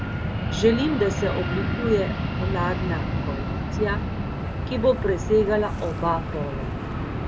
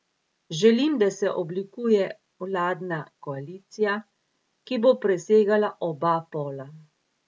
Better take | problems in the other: second | background sound (Fixed-wing aircraft, airplane); 1 dB below the speech

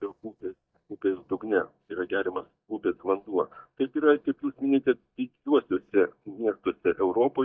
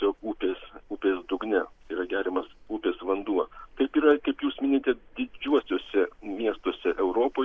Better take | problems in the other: second | noise reduction (neural mask model DeepFilterNet 3)

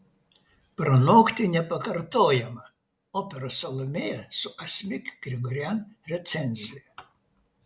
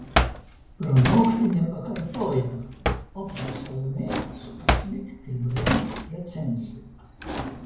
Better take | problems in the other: first | background sound (Drawer open or close); 3 dB below the speech // room echo; dies away in 0.9 s

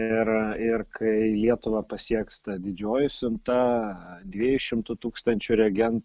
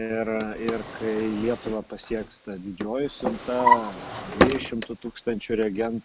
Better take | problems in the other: first | background sound (Drawer open or close); as loud as the speech

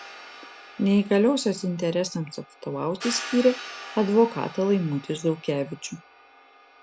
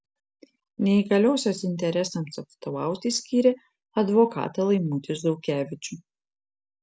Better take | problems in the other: second | background sound (Hi-hat); 16 dB below the speech

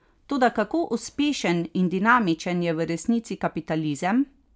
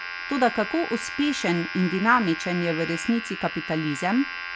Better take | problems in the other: first | background sound (Domestic sounds, home sounds); 9 dB below the speech

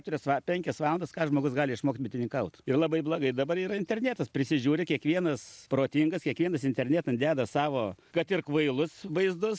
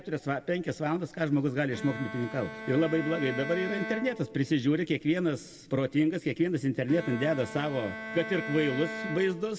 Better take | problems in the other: first | background sound (Bowed string instrument); 12 dB below the speech // room echo; dies away in 0.9 s

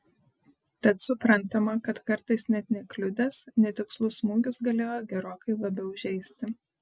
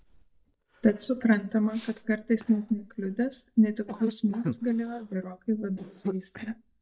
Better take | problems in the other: first | noise reduction (neural mask model DeepFilterNet 3)

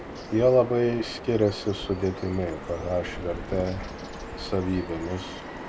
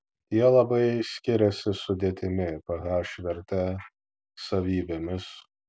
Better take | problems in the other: second | background sound (Bird vocalization, bird call, bird song); 10 dB below the speech

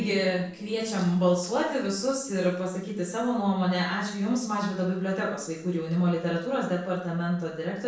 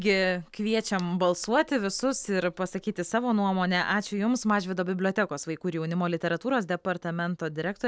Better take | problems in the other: second | noise reduction (neural separator model SepFormer DNS4)

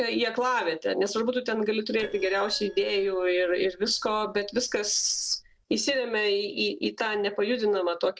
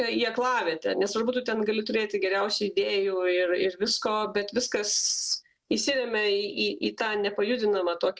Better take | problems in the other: second | noise reduction (neural separator model SepFormer DNS4)

